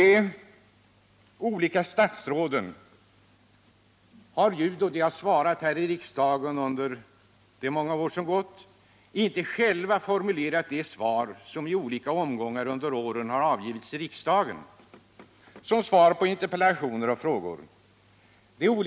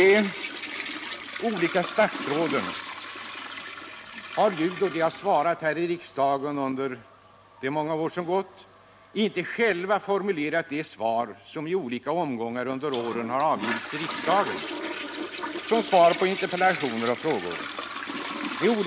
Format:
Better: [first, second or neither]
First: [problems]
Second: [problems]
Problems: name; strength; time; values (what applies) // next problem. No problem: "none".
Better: first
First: none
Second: background sound (Toilet flush); 10 dB below the speech